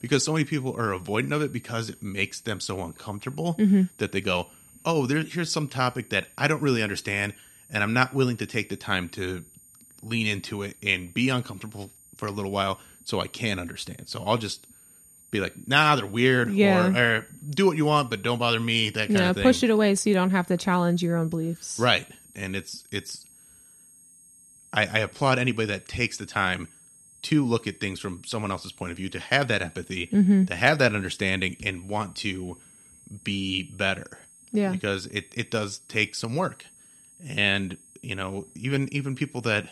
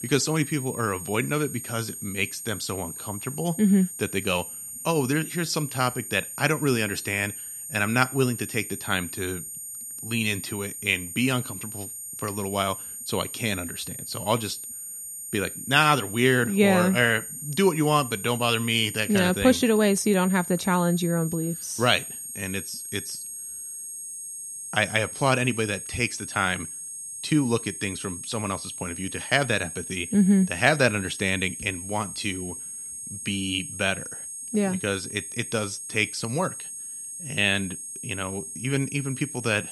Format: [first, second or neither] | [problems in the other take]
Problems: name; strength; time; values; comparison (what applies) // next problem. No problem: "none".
first | high-pitched whine; loud; throughout; 8.5 kHz, 9 dB below the speech; faint in the first